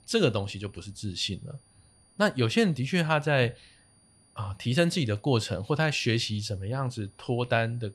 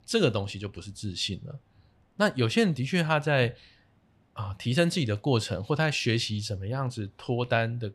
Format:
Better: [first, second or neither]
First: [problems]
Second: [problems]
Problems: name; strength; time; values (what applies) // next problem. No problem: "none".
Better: second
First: high-pitched whine; faint; throughout; 9.5 kHz, 35 dB below the speech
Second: none